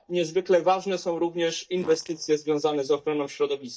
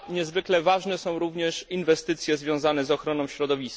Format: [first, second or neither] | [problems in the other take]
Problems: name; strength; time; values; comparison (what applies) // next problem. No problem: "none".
second | noise reduction (neural mask model DeepFilterNet 3)